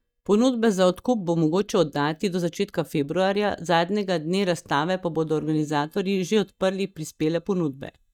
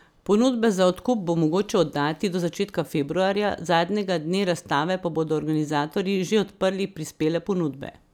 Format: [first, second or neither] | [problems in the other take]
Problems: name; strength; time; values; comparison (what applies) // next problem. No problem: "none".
second | noise reduction (neural mask model DeepFilterNet 3)